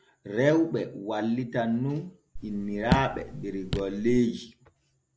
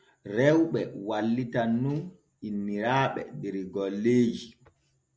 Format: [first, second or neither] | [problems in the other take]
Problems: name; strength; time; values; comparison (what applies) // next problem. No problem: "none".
second | background sound (Raindrop / Drip); 4 dB below the speech